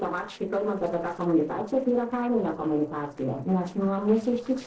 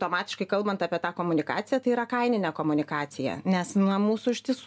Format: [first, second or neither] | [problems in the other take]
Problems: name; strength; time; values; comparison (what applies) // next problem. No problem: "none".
second | noise reduction (neural separator model SepFormer DNS4)